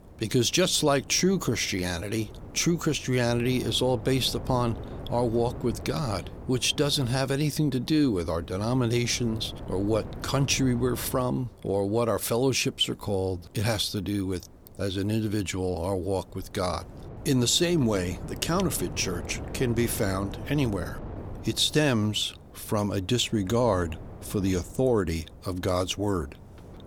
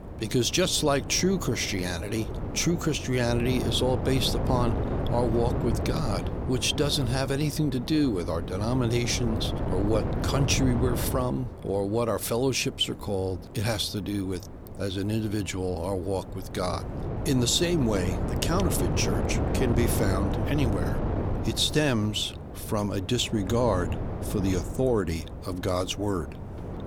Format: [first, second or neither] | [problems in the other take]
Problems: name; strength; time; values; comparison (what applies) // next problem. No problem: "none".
first | wind noise on the microphone; heavy; 8 dB below the speech; occasional gusts in the first